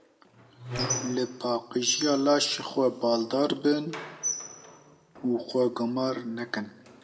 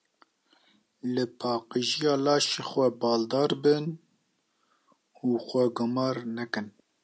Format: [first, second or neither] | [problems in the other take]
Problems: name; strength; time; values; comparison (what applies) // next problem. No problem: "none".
second | background sound (Squeak); 10 dB below the speech // room echo; dies away in 1.3 s